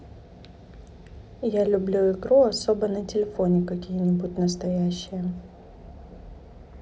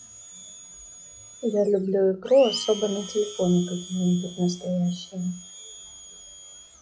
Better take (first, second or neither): first